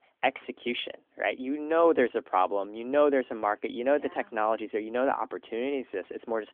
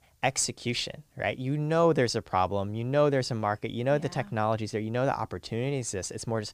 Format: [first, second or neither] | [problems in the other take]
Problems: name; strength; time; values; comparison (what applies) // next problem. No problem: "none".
second | phone-call audio; nothing above 3.5 kHz